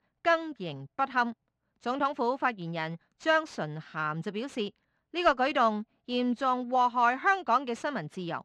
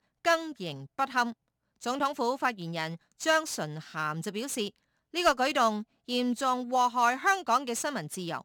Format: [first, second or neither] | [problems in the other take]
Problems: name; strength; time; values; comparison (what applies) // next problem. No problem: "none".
second | muffled; slightly; fading above 3 kHz